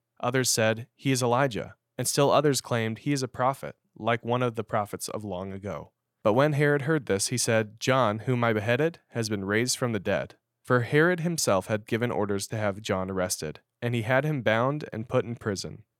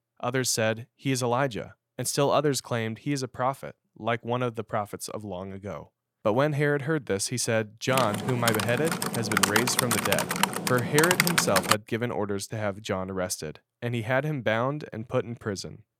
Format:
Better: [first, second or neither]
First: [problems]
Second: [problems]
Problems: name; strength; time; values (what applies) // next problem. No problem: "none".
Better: first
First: none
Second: keyboard typing; loud; from 8 to 12 s; peak 6 dB above the speech